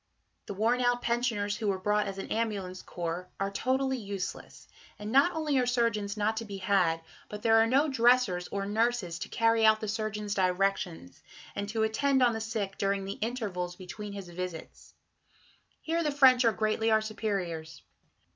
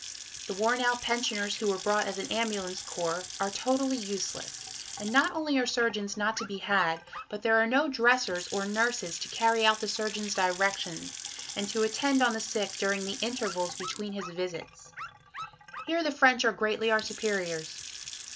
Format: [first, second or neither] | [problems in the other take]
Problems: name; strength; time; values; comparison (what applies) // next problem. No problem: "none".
first | background sound (Dog + Sink (filling or washing) / Water tap, faucet / Splash, splatter); 12 dB below the speech